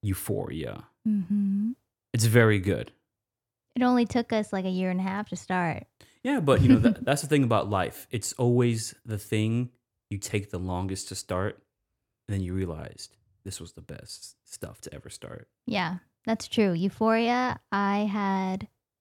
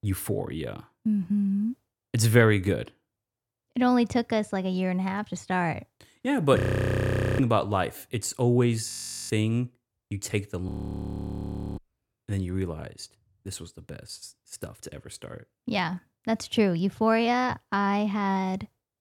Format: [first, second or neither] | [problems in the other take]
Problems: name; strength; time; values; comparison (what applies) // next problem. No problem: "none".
first | audio freezing; at 6.5 s for 1 s, at 9 s and at 11 s for 1 s